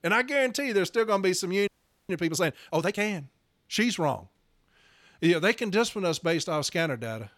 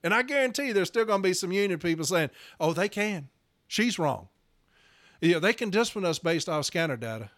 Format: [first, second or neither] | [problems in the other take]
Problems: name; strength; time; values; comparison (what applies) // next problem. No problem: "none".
second | audio freezing; at 1.5 s